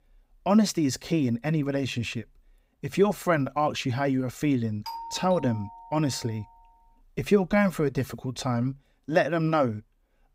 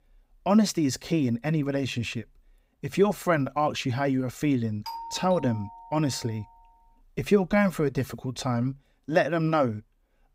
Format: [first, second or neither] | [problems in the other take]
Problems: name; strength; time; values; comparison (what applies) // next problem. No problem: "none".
neither | doorbell; faint; from 5 to 6.5 s; peak 10 dB below the speech; the same in both